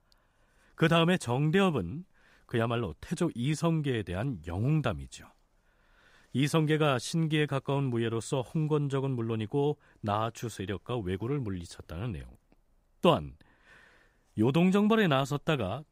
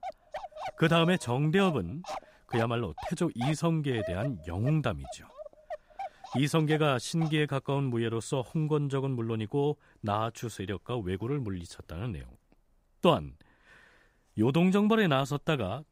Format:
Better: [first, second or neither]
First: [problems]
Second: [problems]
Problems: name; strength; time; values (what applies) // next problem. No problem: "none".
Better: first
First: none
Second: dog barking; noticeable; until 7.5 s; peak 9 dB below the speech